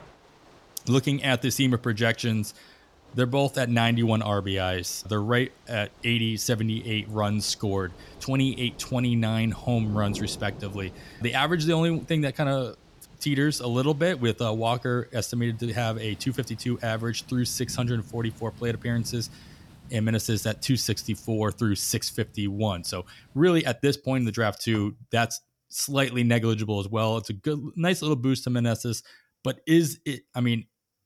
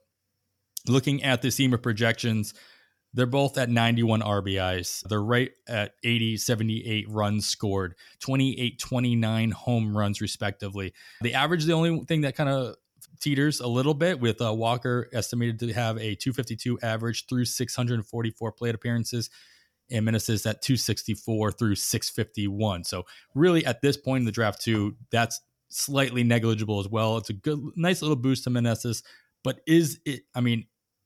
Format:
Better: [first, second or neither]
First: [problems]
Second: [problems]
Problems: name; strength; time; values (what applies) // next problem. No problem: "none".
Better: second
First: rain or running water; faint; until 24 s; 20 dB below the speech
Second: none